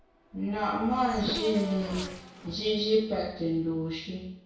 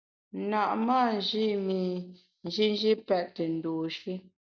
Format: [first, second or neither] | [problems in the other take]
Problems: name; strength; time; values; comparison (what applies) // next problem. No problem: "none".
second | background sound (Race car, auto racing / Accelerating, revving, vroom); 12 dB below the speech // room echo; dies away in 0.6 s